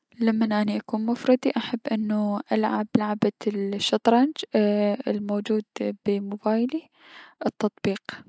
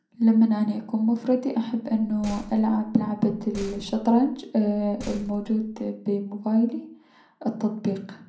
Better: first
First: none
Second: background sound (Slam); 18 dB below the speech // room echo; dies away in 0.6 s

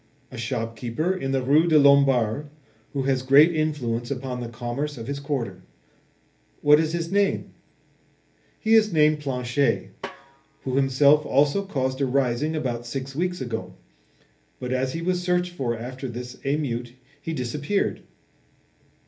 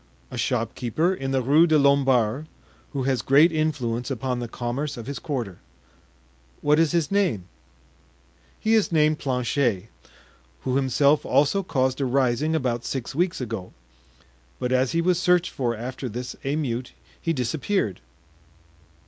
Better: second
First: background sound (Snare drum); 18 dB below the speech // room echo; dies away in 0.3 s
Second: none

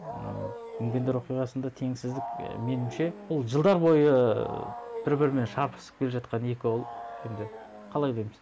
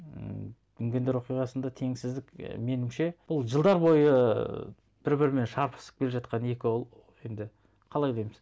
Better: second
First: background sound (Wild animals); 14 dB below the speech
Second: none

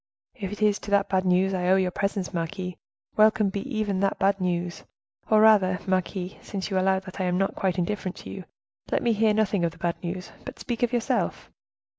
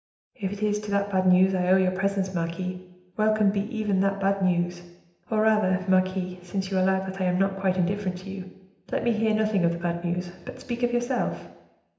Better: first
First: none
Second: room echo; dies away in 0.8 s

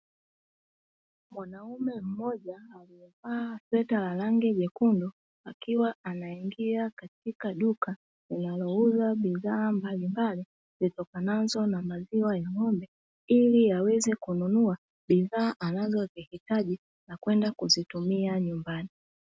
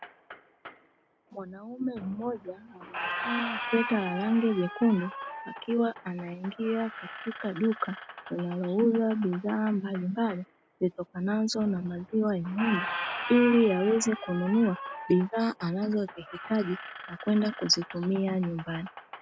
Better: first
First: none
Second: background sound (Squeak); 11 dB below the speech

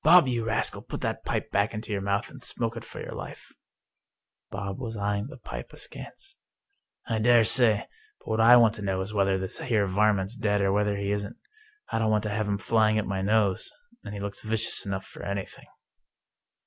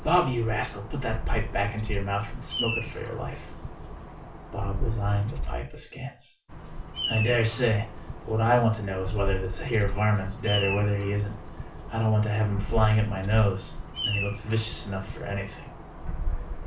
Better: first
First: none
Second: background sound (Bird vocalization, bird call, bird song); 5 dB below the speech // room echo; dies away in 0.3 s

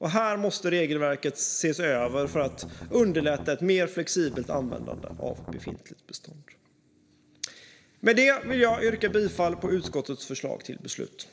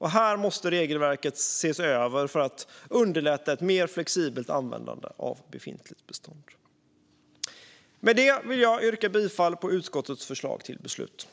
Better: second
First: background sound (Strum); 13 dB below the speech // room echo; dies away in 1.3 s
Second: none

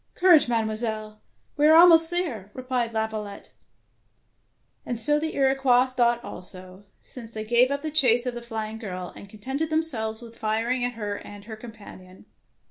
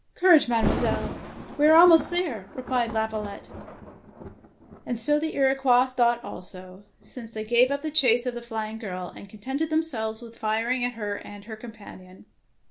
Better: first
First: none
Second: background sound (Thunder); 12 dB below the speech

